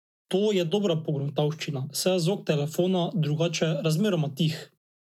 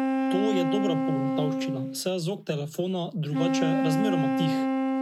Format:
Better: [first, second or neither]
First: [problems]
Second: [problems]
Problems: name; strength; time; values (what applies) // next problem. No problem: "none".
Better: first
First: none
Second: background sound (Wind instrument, woodwind instrument); 3 dB above the speech